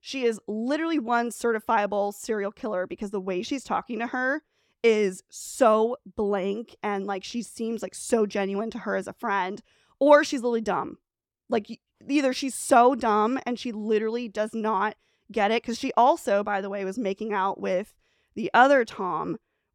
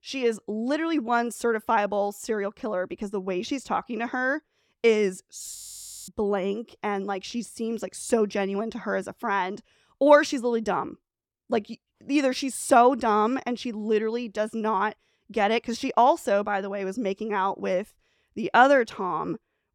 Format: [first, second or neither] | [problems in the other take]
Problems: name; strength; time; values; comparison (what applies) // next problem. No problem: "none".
first | audio freezing; at 5.5 s for 0.5 s